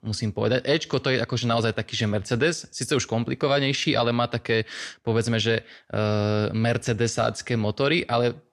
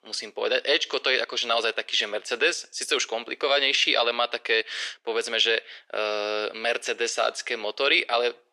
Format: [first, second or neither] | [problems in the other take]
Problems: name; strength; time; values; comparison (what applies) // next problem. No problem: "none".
first | thin; very; fading below 400 Hz